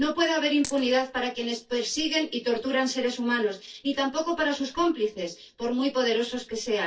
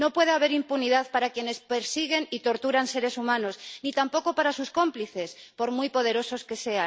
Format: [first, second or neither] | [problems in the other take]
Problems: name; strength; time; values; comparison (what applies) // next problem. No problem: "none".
second | noise reduction (neural separator model SepFormer DNS4)